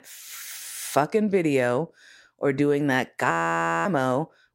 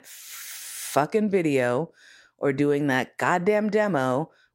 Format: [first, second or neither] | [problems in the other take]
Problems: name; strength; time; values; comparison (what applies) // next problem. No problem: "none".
second | audio freezing; at 3.5 s for 0.5 s